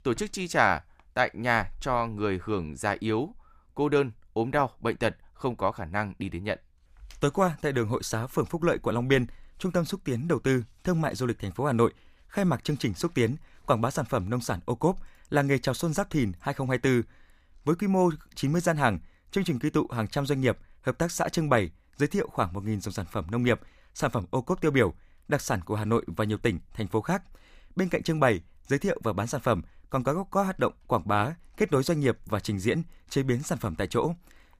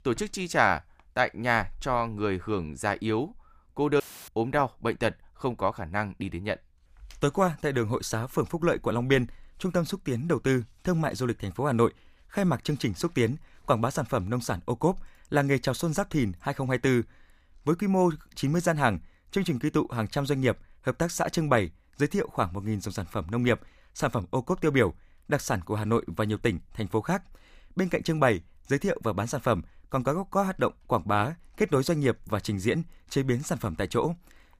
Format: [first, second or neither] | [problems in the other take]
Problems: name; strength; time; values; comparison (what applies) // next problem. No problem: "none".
first | audio cutting out; filled with static; at 4 s